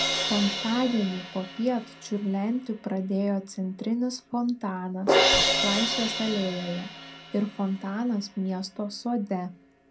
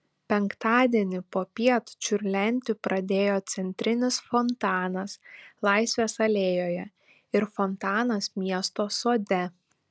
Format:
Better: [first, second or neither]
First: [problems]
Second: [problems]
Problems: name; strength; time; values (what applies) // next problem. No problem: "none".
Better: second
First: background sound (Crash cymbal); 2 dB below the speech // room echo; dies away in 0.3 s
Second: none